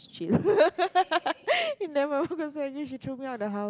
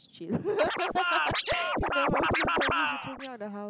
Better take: first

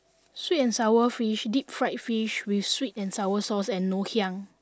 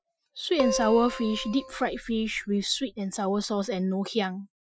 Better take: first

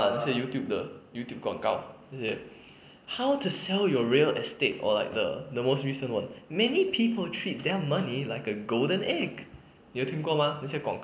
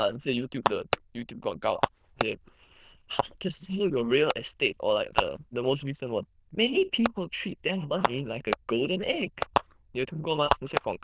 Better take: first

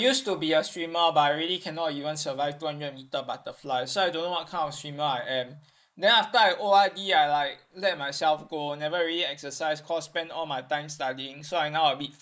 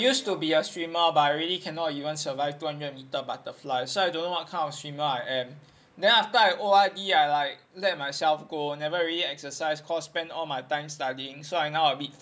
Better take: second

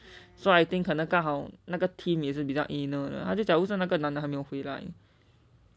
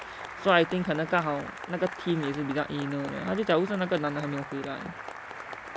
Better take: first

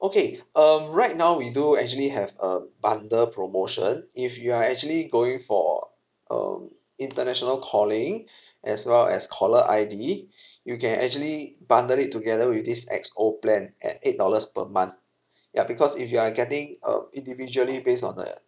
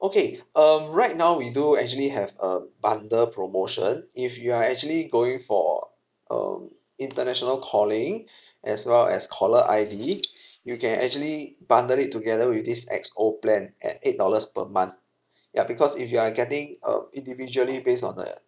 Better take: first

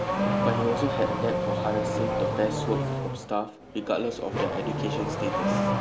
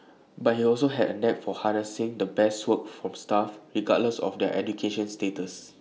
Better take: second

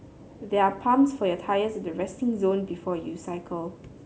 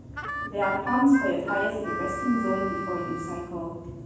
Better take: first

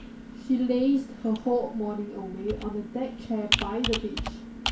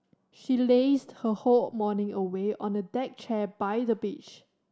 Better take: second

